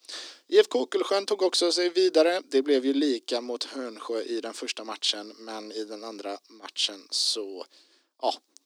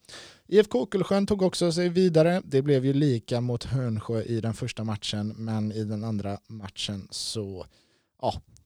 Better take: second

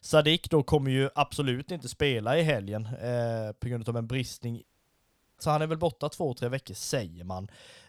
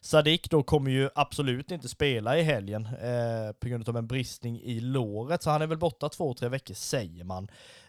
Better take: second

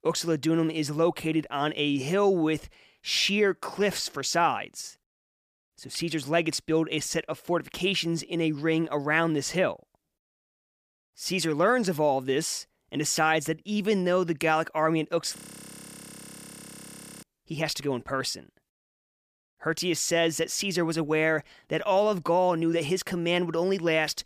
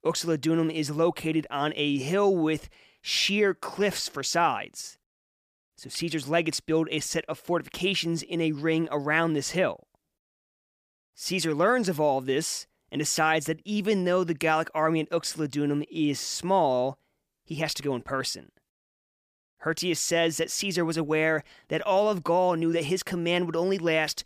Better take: second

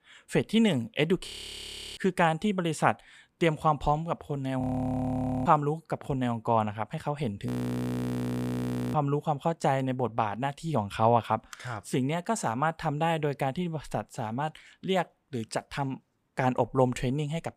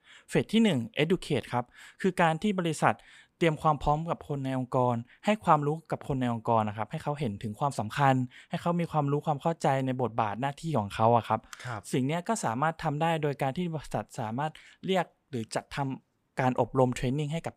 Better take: second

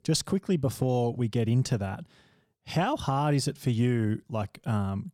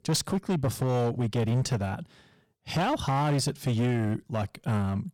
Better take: first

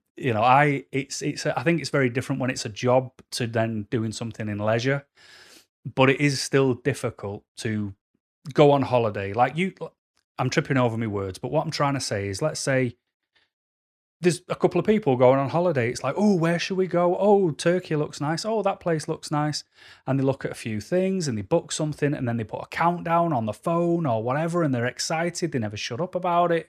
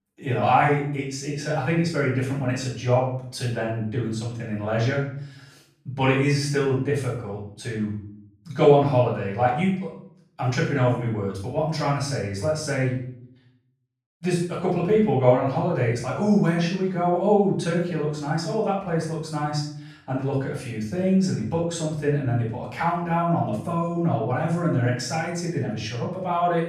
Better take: first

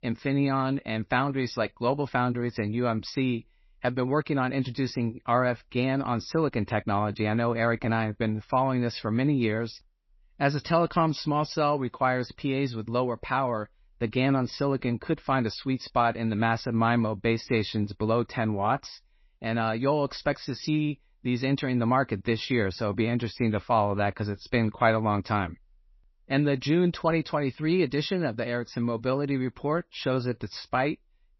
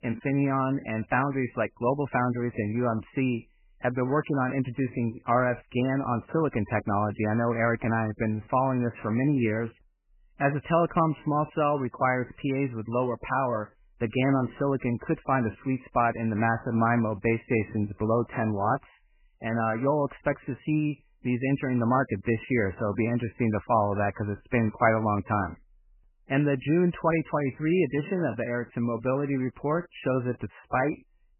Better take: first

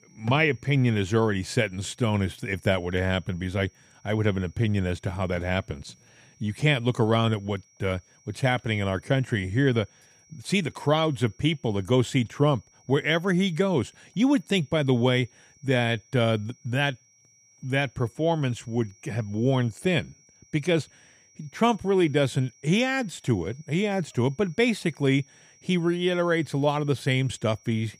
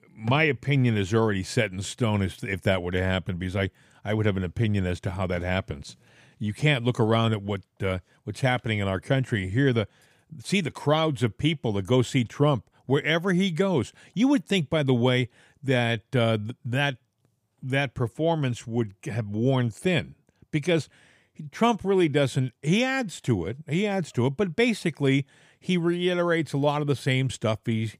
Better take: second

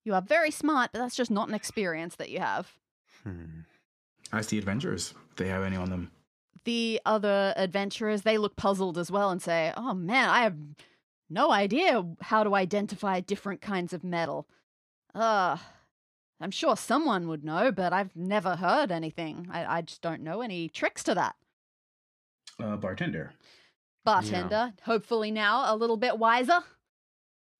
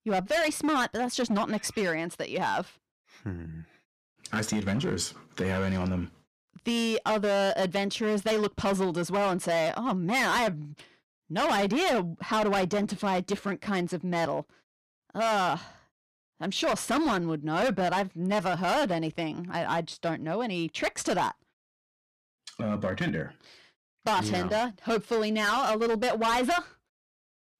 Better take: first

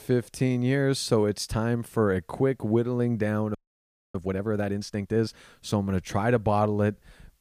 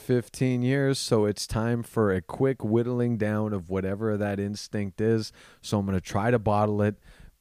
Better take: second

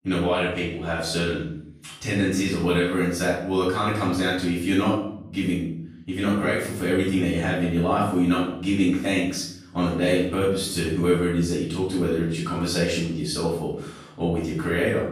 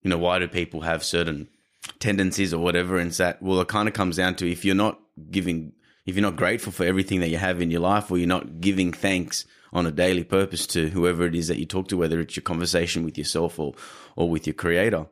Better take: second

